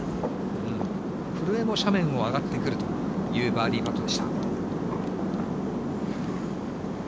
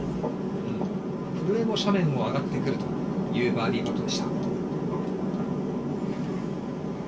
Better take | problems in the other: first | room echo; dies away in 0.2 s

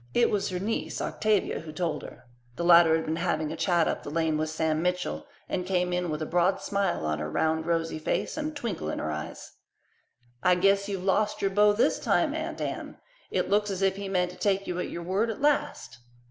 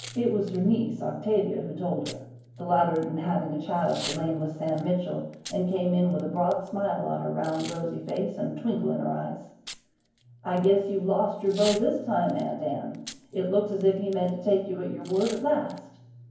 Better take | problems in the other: first | background sound (Packing tape, duct tape / Tearing); 19 dB below the speech // room echo; dies away in 0.9 s

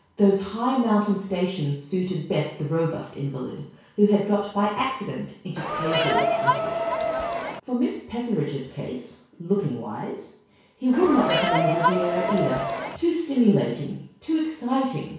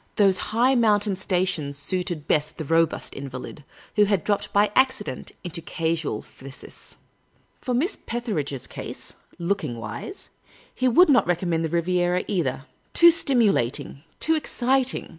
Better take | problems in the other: second | background sound (Crowd); 1 dB above the speech // room echo; dies away in 0.6 s

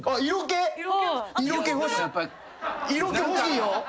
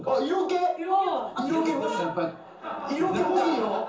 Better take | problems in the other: first | room echo; dies away in 0.6 s

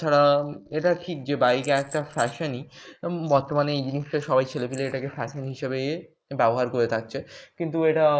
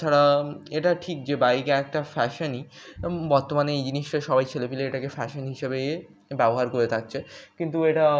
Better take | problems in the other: second | noise reduction (neural mask model Resemble Enhance denoiser)

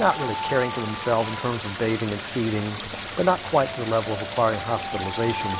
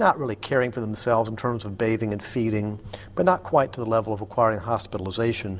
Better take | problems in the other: second | background sound (Alarm + Stream); 7 dB below the speech

